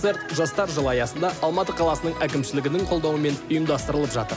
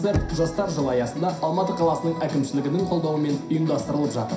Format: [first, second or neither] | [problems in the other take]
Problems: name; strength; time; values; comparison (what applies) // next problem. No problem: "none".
first | background sound (Knock); 10 dB below the speech // room echo; dies away in 0.5 s